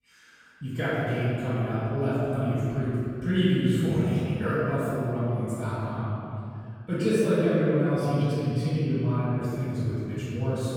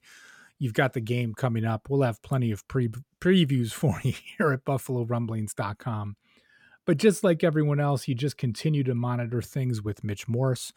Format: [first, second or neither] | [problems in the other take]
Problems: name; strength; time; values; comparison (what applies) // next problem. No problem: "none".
second | room echo; strong; dies away in 2.5 s // off-mic speech; far